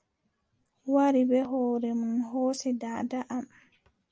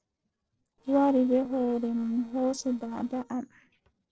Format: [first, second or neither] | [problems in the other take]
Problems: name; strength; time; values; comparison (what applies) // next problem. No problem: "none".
first | noise reduction (neural separator model SepFormer DNS4)